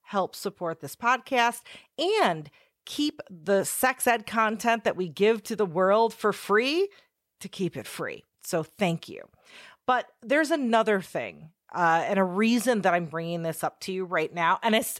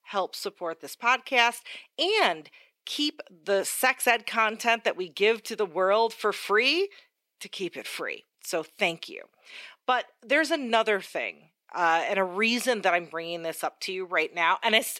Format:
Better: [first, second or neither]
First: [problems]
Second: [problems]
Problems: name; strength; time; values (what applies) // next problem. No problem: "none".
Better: first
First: none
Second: thin; very slightly; fading below 250 Hz